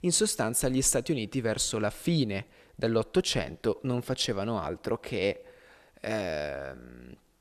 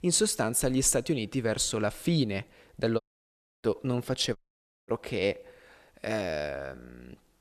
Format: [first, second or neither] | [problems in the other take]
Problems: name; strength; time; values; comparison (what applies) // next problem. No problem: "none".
first | audio cutting out; at 3 s for 0.5 s and at 4.5 s for 0.5 s